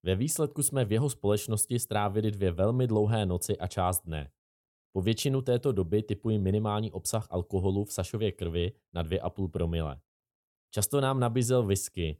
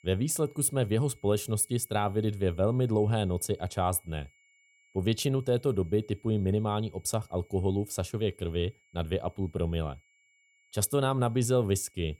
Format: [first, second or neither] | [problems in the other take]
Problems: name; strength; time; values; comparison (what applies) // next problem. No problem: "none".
first | high-pitched whine; faint; throughout; 2 kHz, 35 dB below the speech